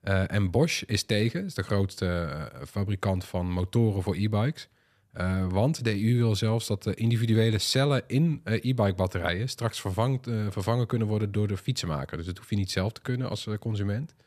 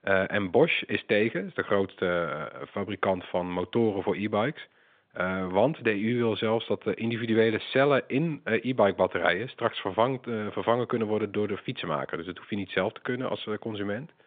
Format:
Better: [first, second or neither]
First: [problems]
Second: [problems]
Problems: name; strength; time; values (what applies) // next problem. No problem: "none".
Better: first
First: none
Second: phone-call audio; nothing above 3.5 kHz